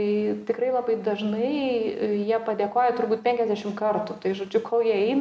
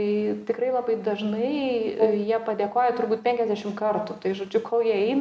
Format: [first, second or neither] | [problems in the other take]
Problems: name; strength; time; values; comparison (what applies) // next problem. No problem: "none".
first | background sound (Wind instrument, woodwind instrument); 2 dB below the speech